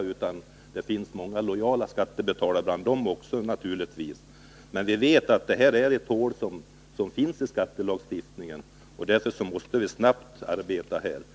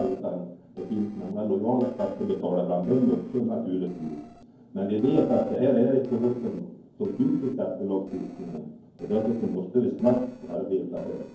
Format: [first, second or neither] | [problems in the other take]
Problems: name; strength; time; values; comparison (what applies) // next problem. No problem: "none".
first | noise reduction (neural separator model SepFormer DNS4)